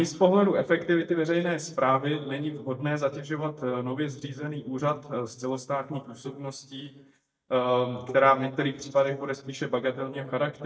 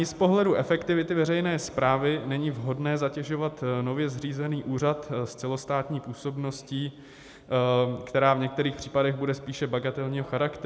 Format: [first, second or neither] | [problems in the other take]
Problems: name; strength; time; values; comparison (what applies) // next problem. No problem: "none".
second | noise reduction (neural mask model DeepFilterNet 3)